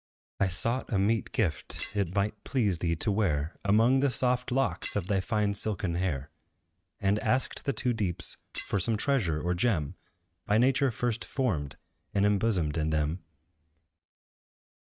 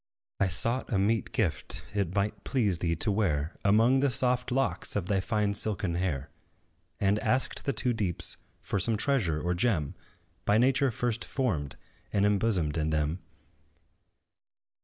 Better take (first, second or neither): second